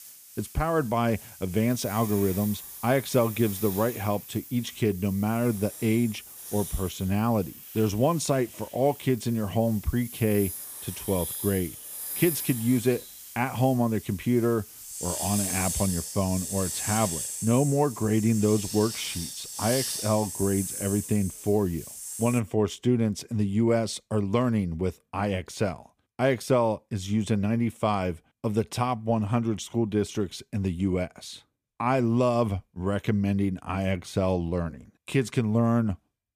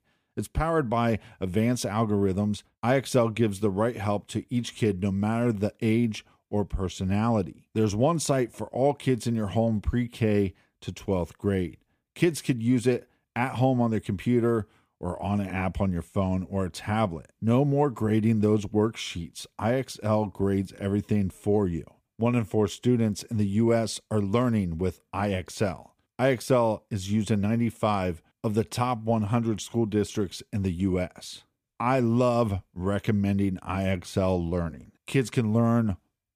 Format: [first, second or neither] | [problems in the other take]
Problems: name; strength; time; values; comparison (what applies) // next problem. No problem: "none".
second | hiss; loud; until 22 s; 7 dB below the speech